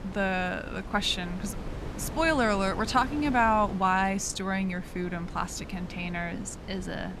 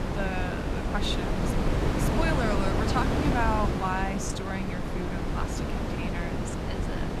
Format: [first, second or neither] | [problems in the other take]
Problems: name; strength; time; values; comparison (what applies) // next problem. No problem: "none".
first | wind noise on the microphone; heavy; 1 dB below the speech; occasional gusts in the first